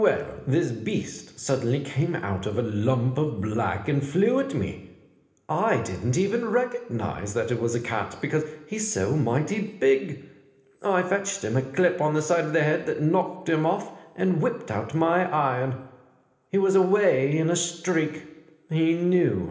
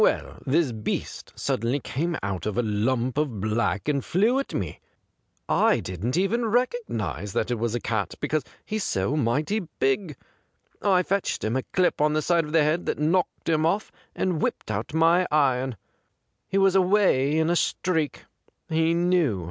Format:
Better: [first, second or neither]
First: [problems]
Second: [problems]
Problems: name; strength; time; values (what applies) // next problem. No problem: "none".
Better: second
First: room echo; dies away in 1 s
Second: none